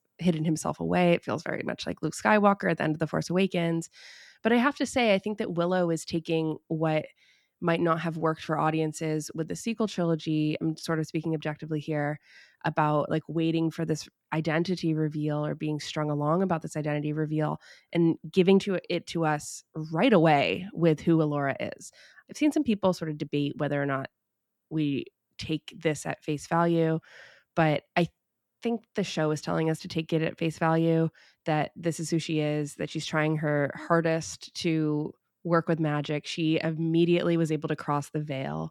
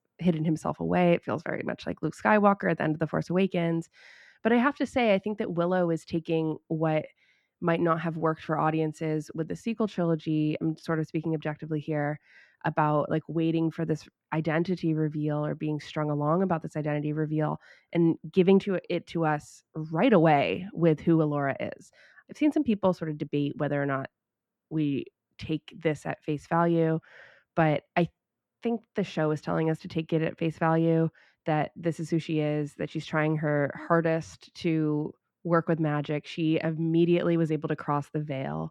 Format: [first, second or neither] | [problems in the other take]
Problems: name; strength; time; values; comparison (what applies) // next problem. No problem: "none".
first | muffled; slightly; fading above 3.5 kHz